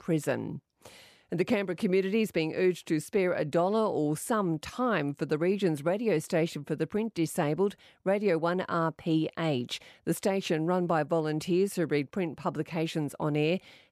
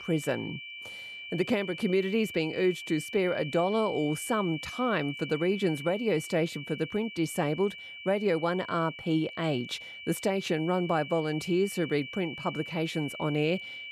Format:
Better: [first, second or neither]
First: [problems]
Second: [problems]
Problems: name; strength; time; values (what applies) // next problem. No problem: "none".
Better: first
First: none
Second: high-pitched whine; noticeable; throughout; 2.5 kHz, 10 dB below the speech